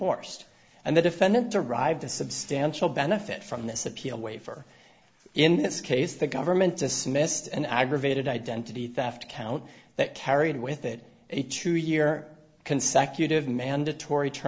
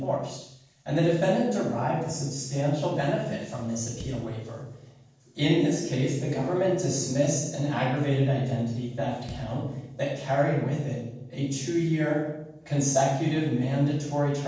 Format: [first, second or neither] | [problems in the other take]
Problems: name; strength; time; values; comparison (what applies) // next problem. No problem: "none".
first | noise reduction (neural separator model SepFormer DNS4)